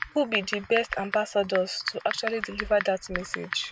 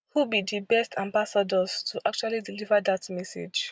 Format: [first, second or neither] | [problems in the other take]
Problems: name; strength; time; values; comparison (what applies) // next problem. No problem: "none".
second | background sound (Typing); 8 dB below the speech